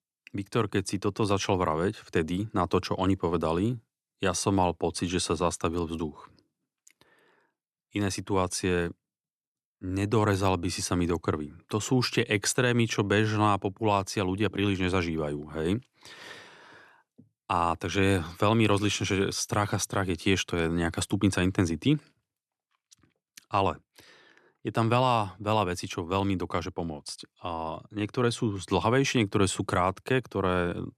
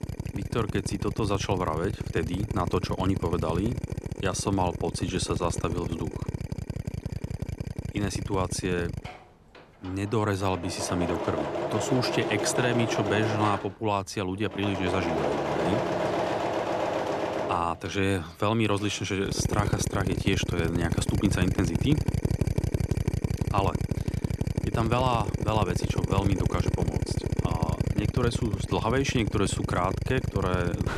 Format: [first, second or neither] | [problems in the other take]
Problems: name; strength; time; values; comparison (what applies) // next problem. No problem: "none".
first | machinery noise; loud; throughout; 1 dB below the speech